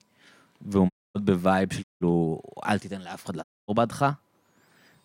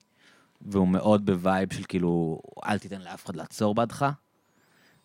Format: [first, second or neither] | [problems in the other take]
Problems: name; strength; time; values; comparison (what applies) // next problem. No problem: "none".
second | audio cutting out; at 1 s, at 2 s and at 3.5 s